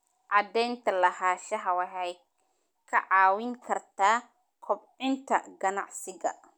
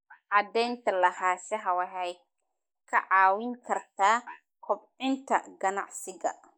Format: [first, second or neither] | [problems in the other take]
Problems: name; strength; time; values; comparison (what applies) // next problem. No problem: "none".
first | noise reduction (neural mask model Resemble Enhance denoiser)